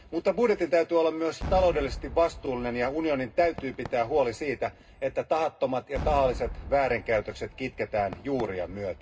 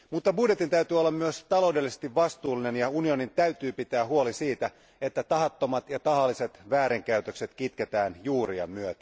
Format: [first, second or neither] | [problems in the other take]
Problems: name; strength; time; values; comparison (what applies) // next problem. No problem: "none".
second | background sound (Cheering / Fireworks); 13 dB below the speech // room echo; dies away in 0.2 s